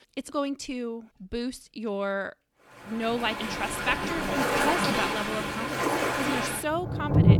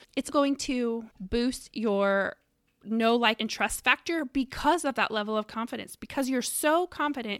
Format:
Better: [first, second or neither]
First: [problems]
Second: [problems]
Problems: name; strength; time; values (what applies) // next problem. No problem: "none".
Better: second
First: rain or running water; very loud; from 3 s on; 4 dB above the speech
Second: none